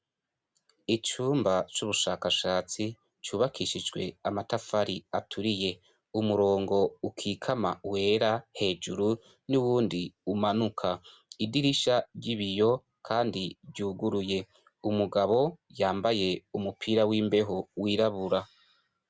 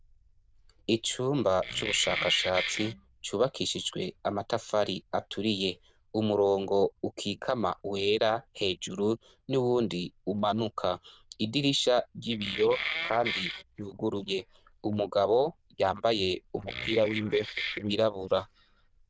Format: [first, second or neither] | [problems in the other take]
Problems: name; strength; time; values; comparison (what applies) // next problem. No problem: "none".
first | noise reduction (neural diffusion model UNIVERSE++)